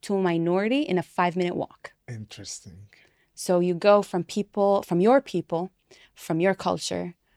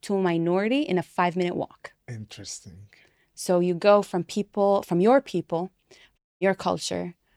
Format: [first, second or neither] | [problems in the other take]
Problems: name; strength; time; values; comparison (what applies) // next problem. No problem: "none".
first | audio cutting out; at 6 s